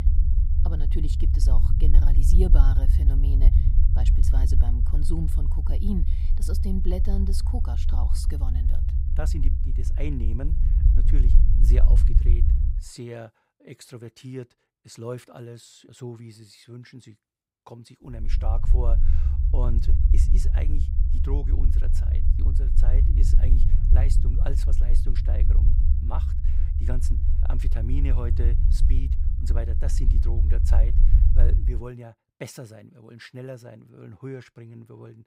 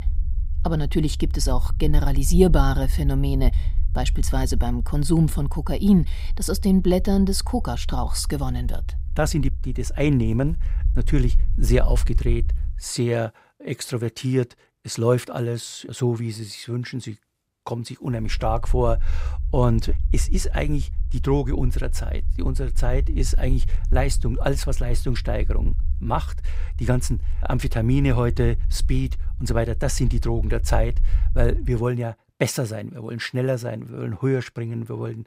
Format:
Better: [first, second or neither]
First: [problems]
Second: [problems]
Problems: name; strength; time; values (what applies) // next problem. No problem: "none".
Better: second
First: low rumble; loud; until 13 s and from 18 to 32 s; 2 dB below the speech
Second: low rumble; faint; until 13 s and from 18 to 32 s; 20 dB below the speech